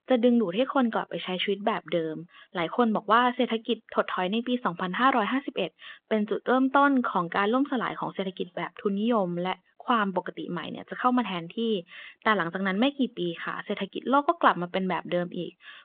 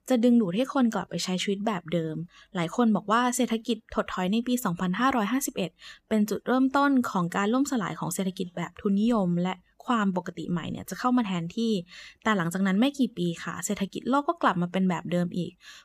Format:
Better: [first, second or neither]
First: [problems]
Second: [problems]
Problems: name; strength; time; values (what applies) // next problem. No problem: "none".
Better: second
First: phone-call audio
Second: none